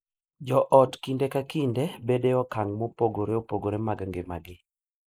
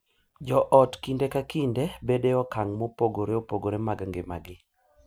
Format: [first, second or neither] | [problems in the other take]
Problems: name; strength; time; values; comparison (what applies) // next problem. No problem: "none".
second | noise reduction (neural mask model Resemble Enhance denoiser)